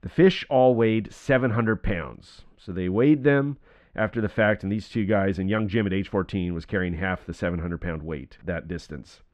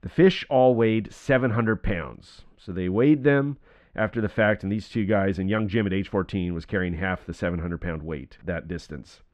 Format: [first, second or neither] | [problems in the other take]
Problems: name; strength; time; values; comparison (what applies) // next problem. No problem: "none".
neither | muffled; very; fading above 2 kHz; the same in both